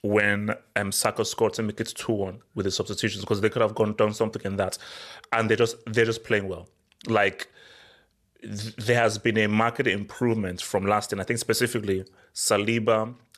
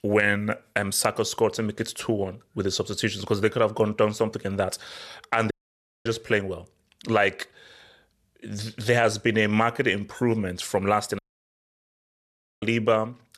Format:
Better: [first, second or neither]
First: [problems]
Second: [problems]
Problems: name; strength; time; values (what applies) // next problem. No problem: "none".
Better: first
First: none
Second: audio cutting out; at 5.5 s for 0.5 s and at 11 s for 1.5 s